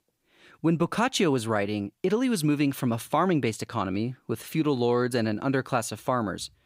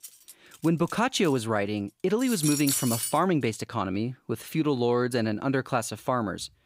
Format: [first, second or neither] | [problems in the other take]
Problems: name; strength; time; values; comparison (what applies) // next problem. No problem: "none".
first | clattering dishes; loud; until 3 s; peak 1 dB above the speech